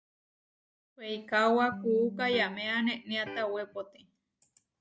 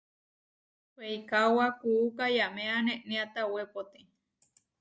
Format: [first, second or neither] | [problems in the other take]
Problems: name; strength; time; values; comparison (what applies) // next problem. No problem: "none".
second | background sound (Electric guitar); 11 dB below the speech